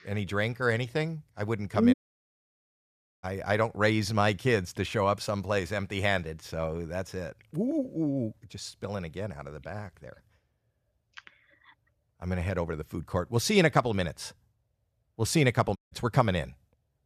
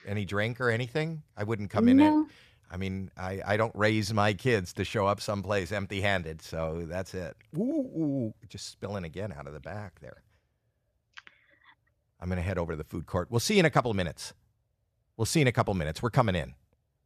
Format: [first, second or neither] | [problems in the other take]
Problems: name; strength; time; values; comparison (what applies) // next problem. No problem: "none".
second | audio cutting out; at 2 s for 1.5 s and at 16 s